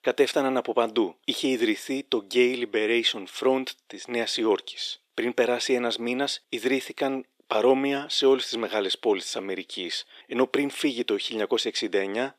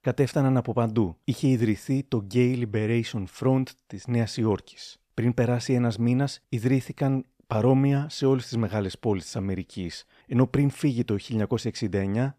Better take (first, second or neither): second